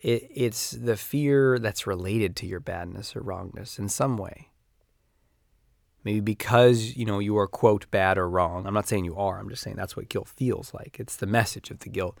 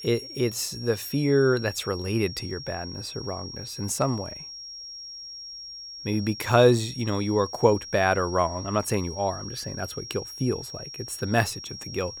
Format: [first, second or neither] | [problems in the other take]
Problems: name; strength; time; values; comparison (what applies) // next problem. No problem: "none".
first | high-pitched whine; noticeable; throughout; 5.5 kHz, 10 dB below the speech